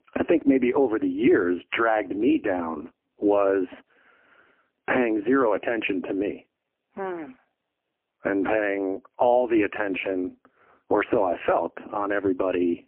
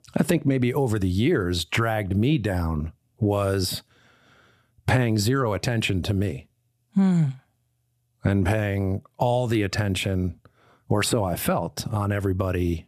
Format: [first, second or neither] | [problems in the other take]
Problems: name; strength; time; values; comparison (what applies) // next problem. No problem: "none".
second | phone-call audio; poor line; nothing above 3 kHz